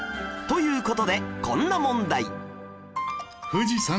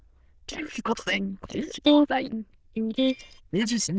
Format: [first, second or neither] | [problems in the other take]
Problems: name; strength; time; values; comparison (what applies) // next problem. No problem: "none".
first | noise reduction (neural diffusion model UNIVERSE++)